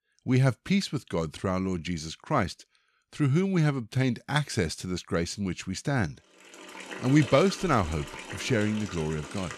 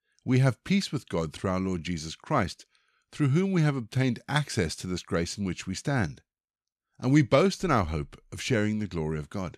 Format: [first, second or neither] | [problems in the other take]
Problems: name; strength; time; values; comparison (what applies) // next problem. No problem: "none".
second | household noises; noticeable; from 6.5 s on; 10 dB below the speech